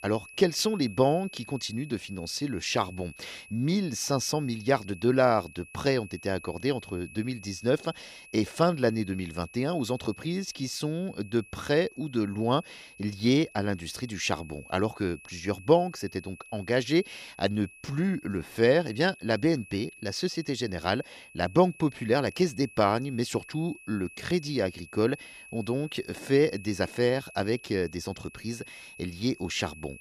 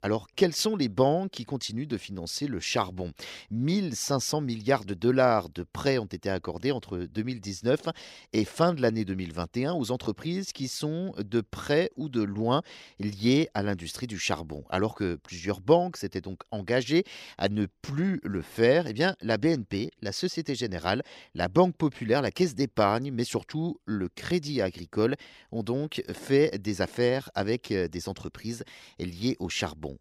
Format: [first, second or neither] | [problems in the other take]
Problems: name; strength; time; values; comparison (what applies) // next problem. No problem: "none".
second | high-pitched whine; noticeable; throughout; 2.5 kHz, 20 dB below the speech